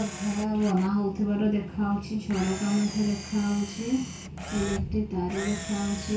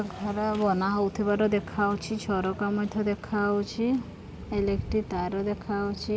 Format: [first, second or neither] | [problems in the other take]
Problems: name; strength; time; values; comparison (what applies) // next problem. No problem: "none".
second | background sound (Camera); 14 dB below the speech // room echo; dies away in 0.2 s